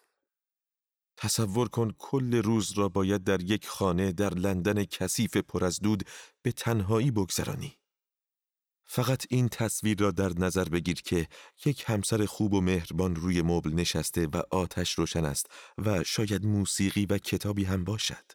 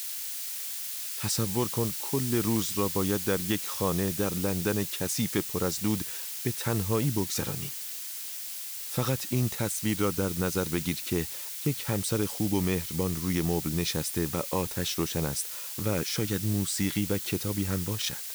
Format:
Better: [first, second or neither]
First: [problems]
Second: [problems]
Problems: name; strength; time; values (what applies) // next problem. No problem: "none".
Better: first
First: none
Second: hiss; loud; throughout; 3 dB below the speech